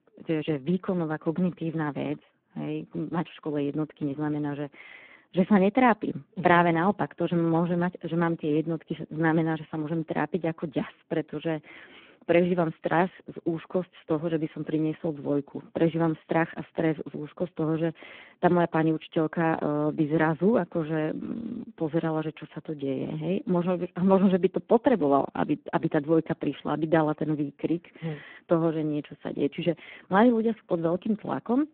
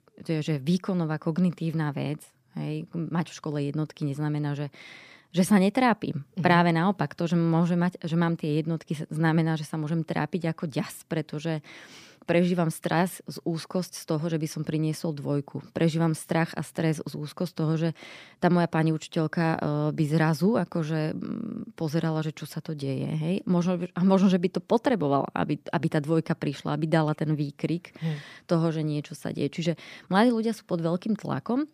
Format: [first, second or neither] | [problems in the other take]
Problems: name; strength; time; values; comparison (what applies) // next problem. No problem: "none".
second | phone-call audio; poor line